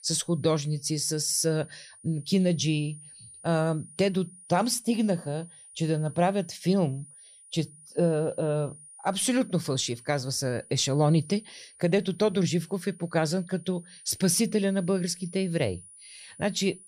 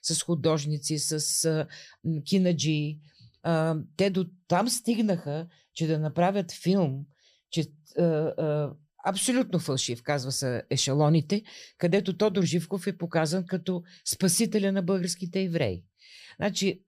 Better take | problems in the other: second | high-pitched whine; faint; throughout; 9.5 kHz, 20 dB below the speech

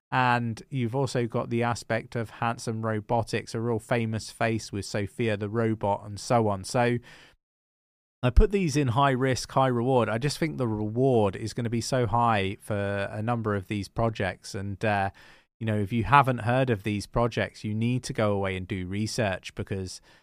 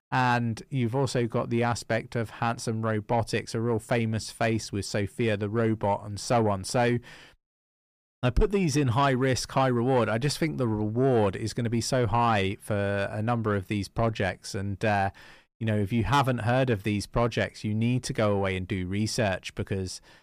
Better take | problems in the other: first | distortion; slight; 10 dB below the speech

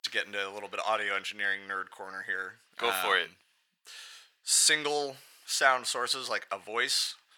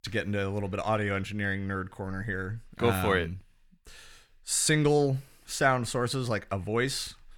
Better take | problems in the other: second | thin; very; fading below 750 Hz

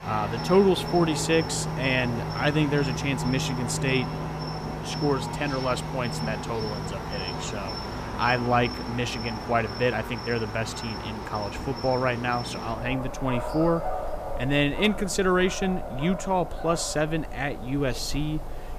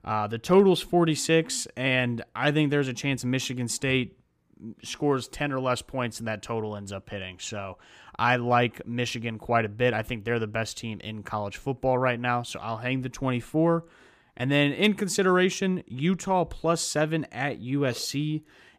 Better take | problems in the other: second | animal sounds; loud; throughout; 6 dB below the speech

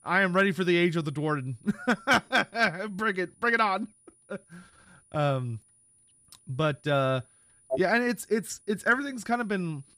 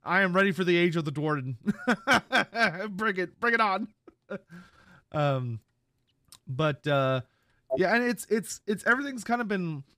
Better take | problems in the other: second | high-pitched whine; faint; throughout; 9.5 kHz, 30 dB below the speech

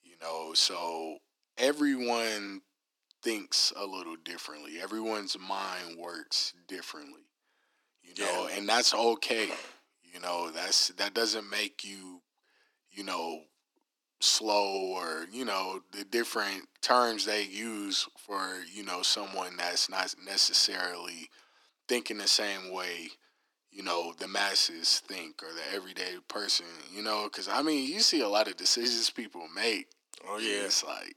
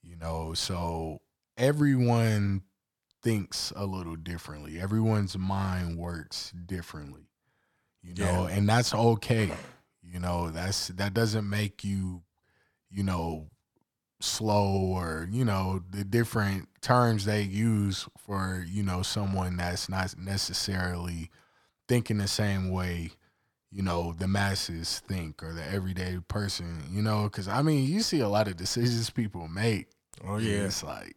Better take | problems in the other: second | thin; somewhat; fading below 300 Hz

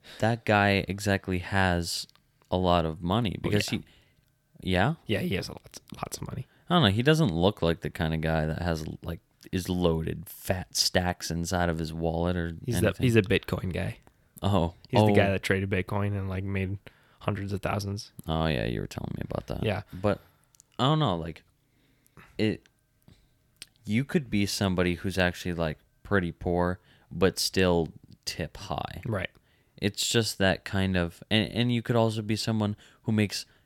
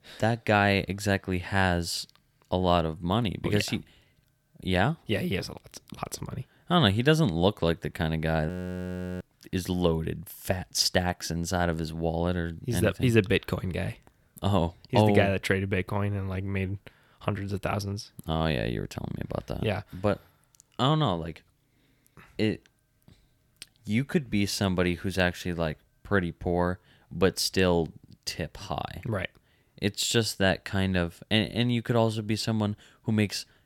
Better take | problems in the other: first | audio freezing; at 8.5 s for 0.5 s

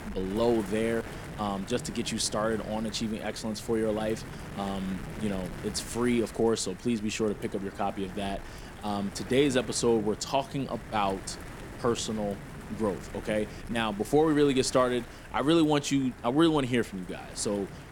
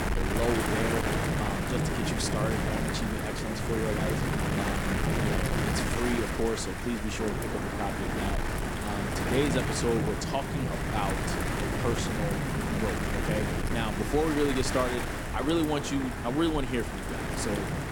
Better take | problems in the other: first | wind noise on the microphone; heavy; 1 dB above the speech; occasional gusts in the first

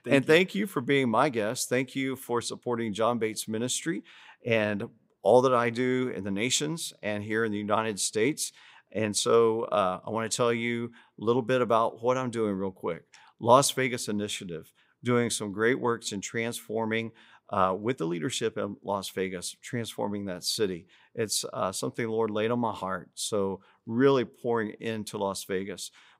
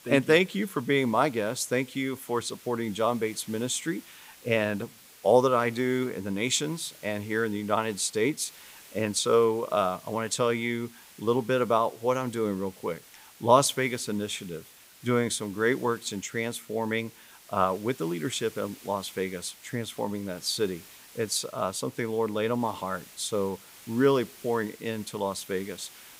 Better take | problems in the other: first | hiss; faint; throughout; 20 dB below the speech

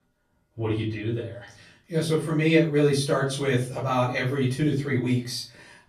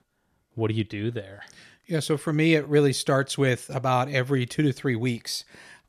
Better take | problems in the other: second | off-mic speech; far // room echo; slight; dies away in 0.3 s

